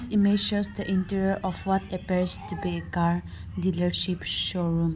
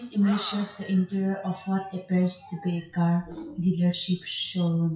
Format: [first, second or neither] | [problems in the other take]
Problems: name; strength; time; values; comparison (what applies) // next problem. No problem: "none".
first | noise reduction (classical method WPE with log-MMSE)